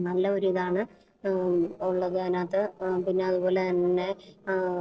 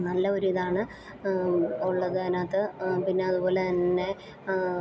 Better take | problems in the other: second | noise reduction (neural separator model SepFormer DNS4)

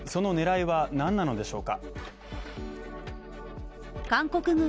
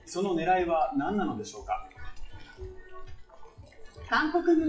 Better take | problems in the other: first | noise reduction (classical method WPE with log-MMSE)

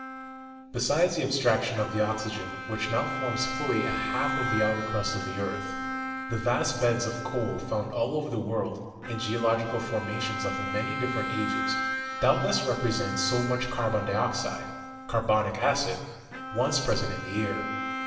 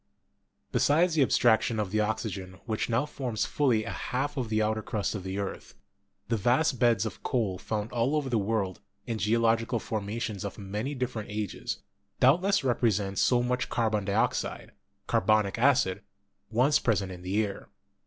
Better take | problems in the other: second | background sound (Bowed string instrument); 6 dB below the speech // room echo; dies away in 1.4 s

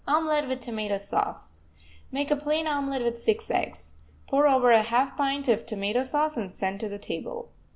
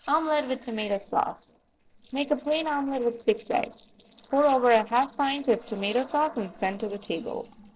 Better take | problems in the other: first | noise reduction (neural separator model SepFormer DNS4)

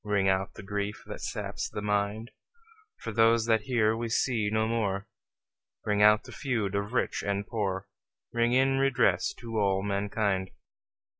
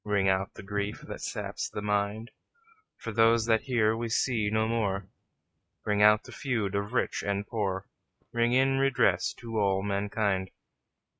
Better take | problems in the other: first | noise reduction (neural mask model RNNoise)

